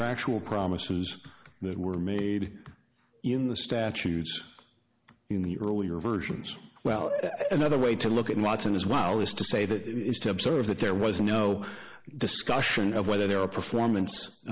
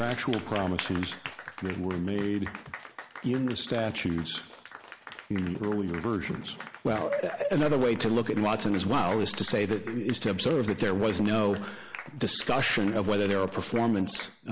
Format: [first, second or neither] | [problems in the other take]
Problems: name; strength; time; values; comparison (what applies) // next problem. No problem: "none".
first | background sound (Applause); 15 dB below the speech